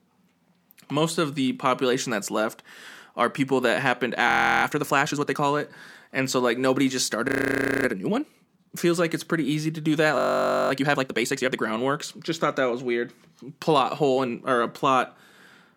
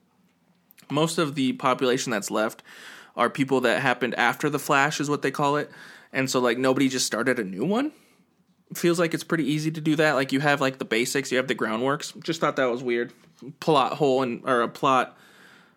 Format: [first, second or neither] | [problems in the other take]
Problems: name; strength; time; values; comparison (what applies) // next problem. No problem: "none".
second | audio freezing; at 4.5 s, at 7.5 s for 0.5 s and at 10 s for 0.5 s